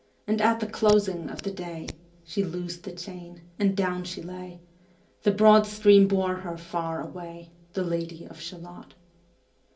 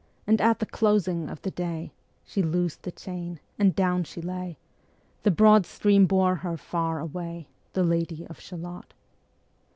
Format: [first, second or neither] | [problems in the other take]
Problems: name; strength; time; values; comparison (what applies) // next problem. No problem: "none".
second | background sound (Hands); 17 dB below the speech // room echo; dies away in 0.3 s